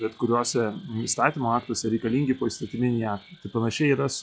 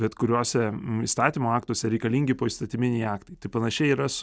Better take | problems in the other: second | noise reduction (classical method log-MMSE)

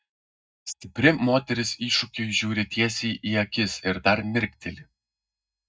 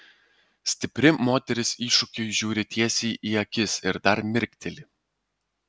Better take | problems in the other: second | noise reduction (neural mask model DeepFilterNet 3)

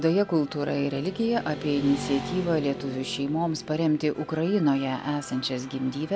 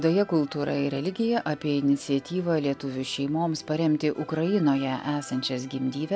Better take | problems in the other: second | background sound (Motorcycle / Traffic noise, roadway noise); 13 dB below the speech

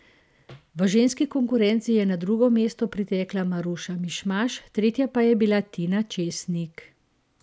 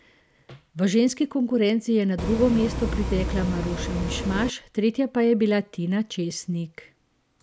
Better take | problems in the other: first | background sound (Bus); 4 dB below the speech

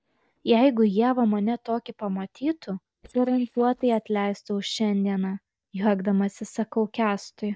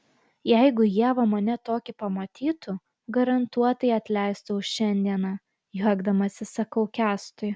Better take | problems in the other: second | noise reduction (neural mask model DeepFilterNet 3)

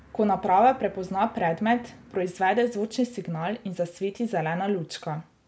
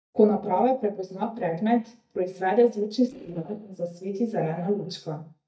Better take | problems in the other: first | noise reduction (neural mask model DeepFilterNet 3)

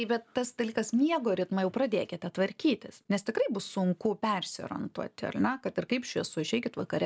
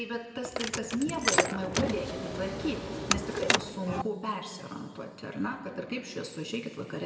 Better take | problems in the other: first | background sound (Car); 3 dB above the speech // room echo; dies away in 2.1 s

